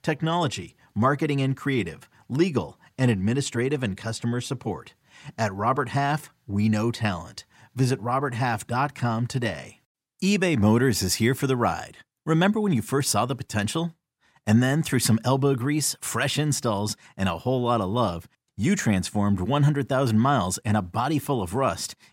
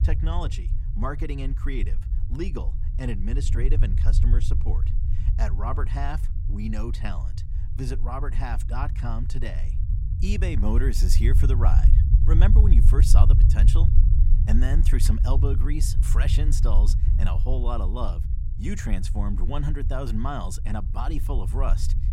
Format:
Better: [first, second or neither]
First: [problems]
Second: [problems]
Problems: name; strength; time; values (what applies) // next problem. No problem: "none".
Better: first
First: none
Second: low rumble; loud; throughout; 7 dB below the speech